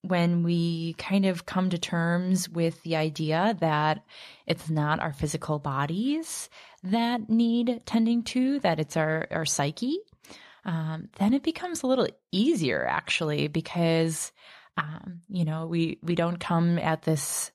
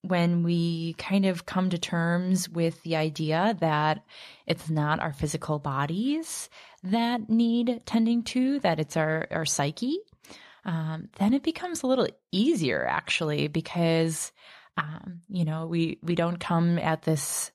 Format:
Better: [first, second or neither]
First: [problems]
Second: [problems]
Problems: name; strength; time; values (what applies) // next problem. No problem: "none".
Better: neither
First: none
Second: none